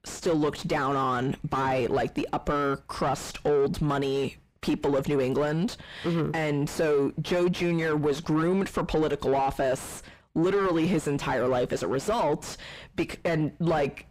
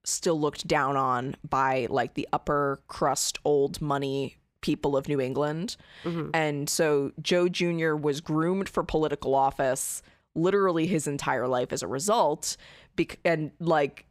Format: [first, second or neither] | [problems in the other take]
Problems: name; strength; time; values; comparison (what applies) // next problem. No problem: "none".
second | distortion; heavy; 6 dB below the speech